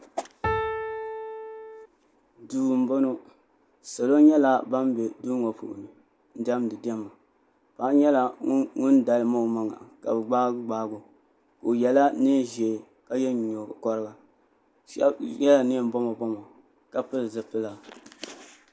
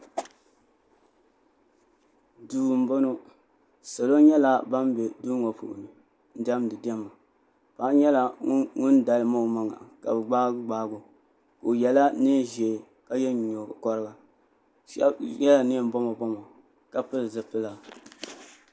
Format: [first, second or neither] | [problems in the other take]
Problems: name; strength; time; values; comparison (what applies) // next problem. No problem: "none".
second | background sound (Piano); 5 dB below the speech